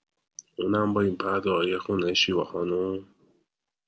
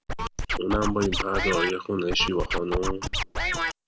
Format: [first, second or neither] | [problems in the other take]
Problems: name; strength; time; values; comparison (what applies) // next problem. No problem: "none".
first | background sound (Scratching (performance technique)); as loud as the speech